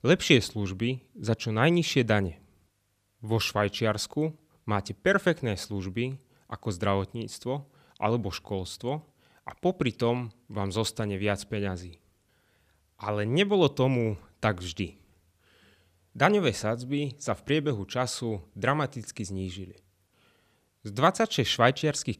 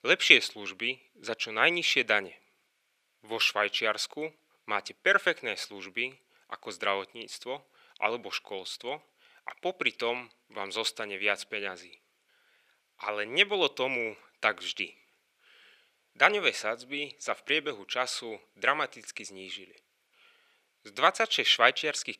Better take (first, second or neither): first